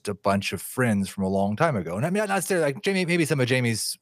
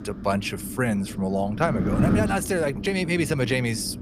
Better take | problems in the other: first | wind noise on the microphone; heavy; 9 dB below the speech

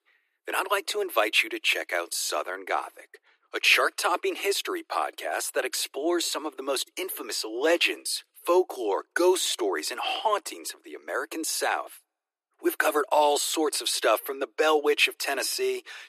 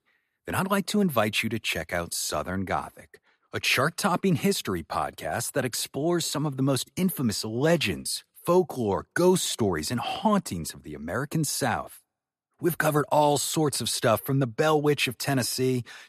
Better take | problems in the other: second | thin; very; fading below 300 Hz

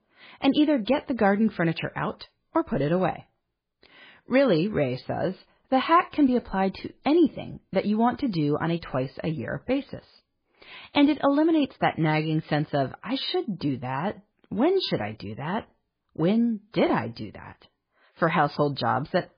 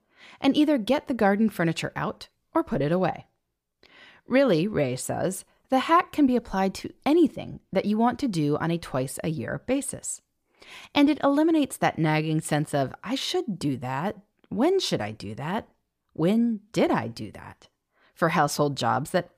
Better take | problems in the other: second | garbled, watery; badly; nothing above 4 kHz

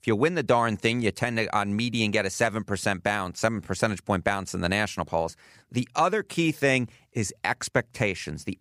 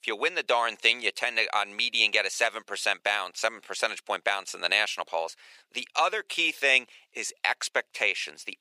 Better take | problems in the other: first | thin; very; fading below 500 Hz

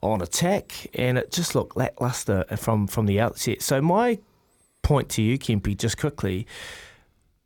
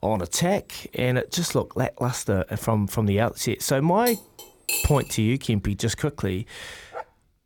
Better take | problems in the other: first | clattering dishes; noticeable; at 4 s; peak 1 dB below the speech // dog barking; faint; at 7 s; peak 15 dB below the speech

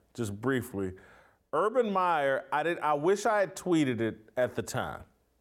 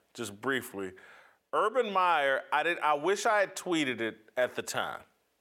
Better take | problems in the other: first | thin; very slightly; fading below 550 Hz

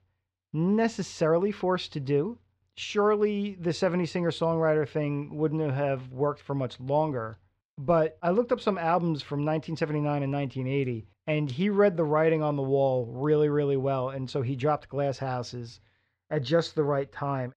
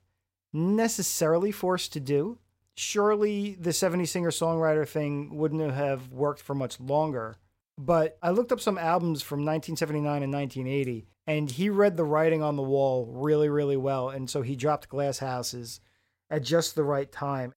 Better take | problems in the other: second | muffled; slightly; fading above 4 kHz

